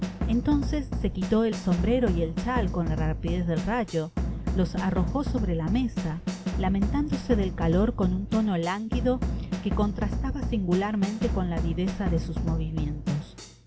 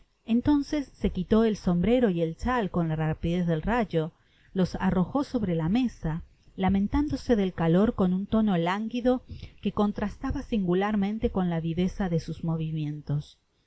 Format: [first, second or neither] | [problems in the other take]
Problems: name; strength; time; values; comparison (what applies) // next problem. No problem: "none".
second | background sound (Drum / Drum kit); 2 dB below the speech